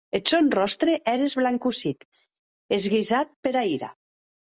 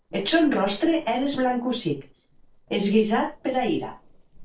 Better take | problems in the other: first | noise reduction (neural separator model SepFormer DNS4)

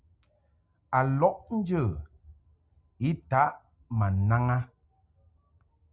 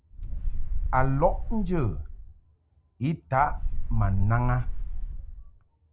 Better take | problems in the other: first | background sound (Wind); 2 dB above the speech

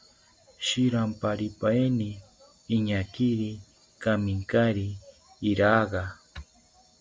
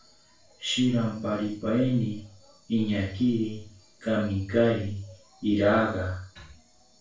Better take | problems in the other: first | room echo; dies away in 0.4 s

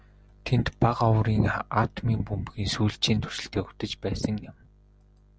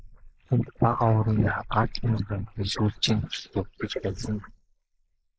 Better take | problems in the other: first | noise reduction (neural mask model Resemble Enhance denoiser)

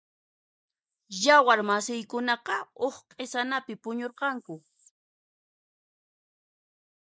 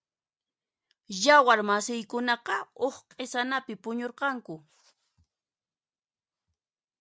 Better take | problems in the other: second | noise reduction (neural mask model Resemble Enhance denoiser)

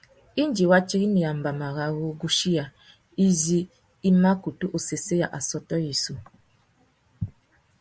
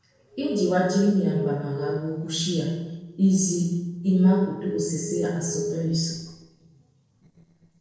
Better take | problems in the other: first | noise reduction (neural separator model SepFormer DNS4)

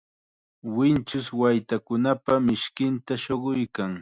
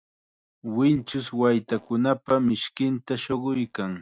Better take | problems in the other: first | noise reduction (neural mask model DeepFilterNet 3)

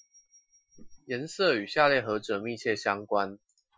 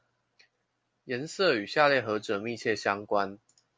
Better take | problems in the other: second | noise reduction (classical method Wiener filter)

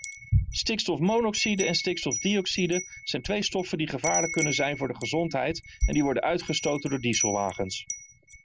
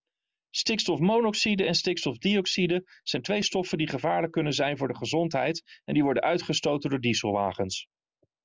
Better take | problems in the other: second | background sound (Wind chime); 5 dB below the speech

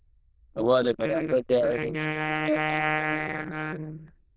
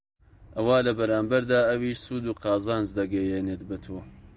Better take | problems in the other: second | noise reduction (neural diffusion model UNIVERSE++)

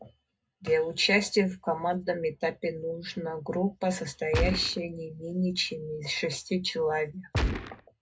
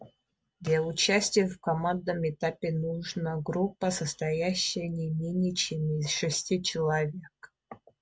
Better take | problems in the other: second | background sound (Gunshot, gunfire); 1 dB above the speech // room echo; dies away in 0.2 s

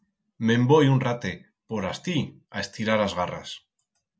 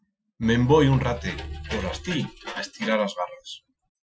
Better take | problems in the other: first | noise reduction (classical method Wiener filter)

